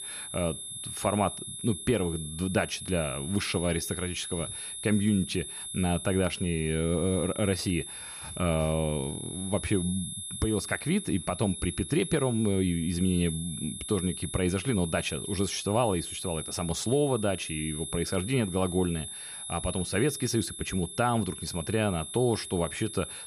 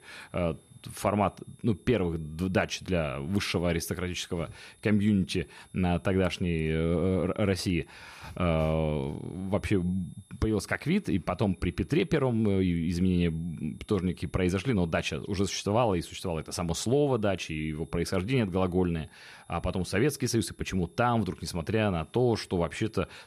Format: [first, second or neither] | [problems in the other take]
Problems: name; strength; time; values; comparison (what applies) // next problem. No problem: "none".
second | high-pitched whine; loud; throughout; 11 kHz, 7 dB below the speech; faint in the second